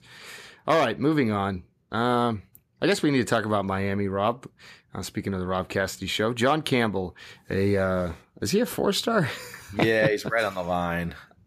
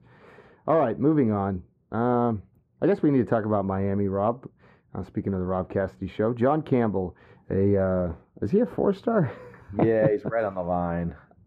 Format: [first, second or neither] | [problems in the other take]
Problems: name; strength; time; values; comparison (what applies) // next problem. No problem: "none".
first | muffled; very; fading above 2 kHz